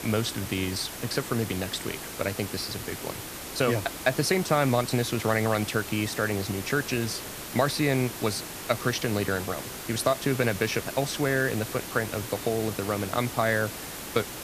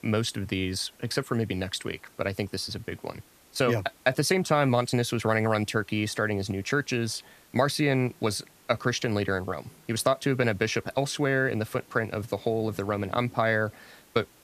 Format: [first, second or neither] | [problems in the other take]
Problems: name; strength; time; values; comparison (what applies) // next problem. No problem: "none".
second | hiss; loud; throughout; 8 dB below the speech; faint in the second